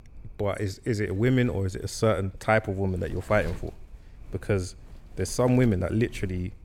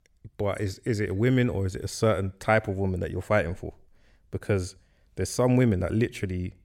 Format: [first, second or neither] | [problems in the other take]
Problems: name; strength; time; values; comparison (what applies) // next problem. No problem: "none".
second | wind noise on the microphone; occasional gusts; 25 dB below the speech